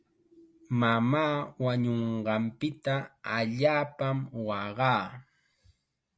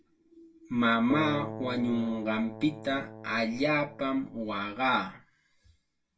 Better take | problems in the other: first | background sound (Keyboard (musical)); 11 dB below the speech // room echo; dies away in 0.2 s

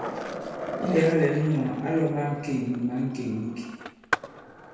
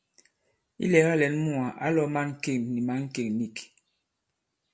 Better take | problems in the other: second | background sound (Skateboard); 8 dB below the speech // room echo; dies away in 1.2 s

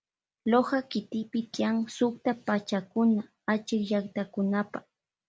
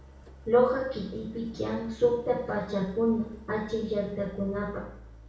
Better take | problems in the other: first | background sound (Idling); 19 dB below the speech // room echo; dies away in 0.6 s

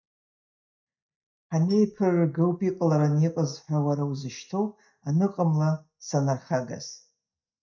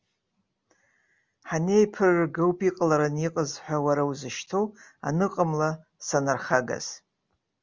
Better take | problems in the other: second | noise reduction (neural mask model DeepFilterNet 3)

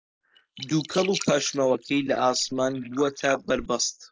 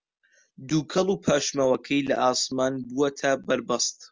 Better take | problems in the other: second | noise reduction (neural mask model Resemble Enhance denoiser)

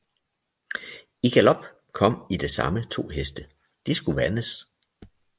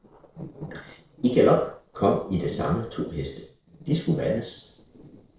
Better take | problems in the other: first | noise reduction (neural separator model SepFormer DNS4)

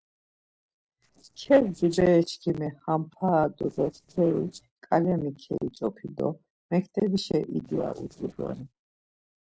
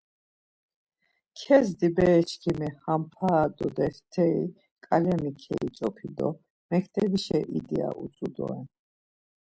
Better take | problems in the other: second | noise reduction (neural separator model SepFormer DNS4)

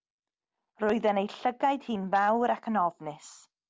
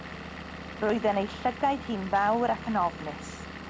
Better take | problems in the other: first | background sound (Engine / Vehicle); 11 dB below the speech

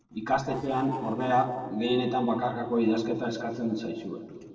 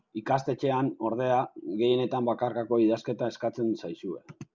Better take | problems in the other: second | noise reduction (neural separator model SepFormer DNS4)

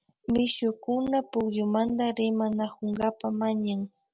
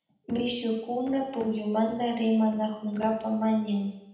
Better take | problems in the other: first | room echo; dies away in 0.8 s

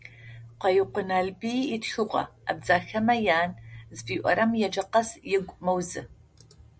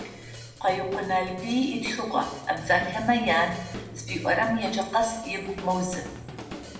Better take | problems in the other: first | background sound (Drum / Drum kit); 14 dB below the speech // room echo; dies away in 0.8 s

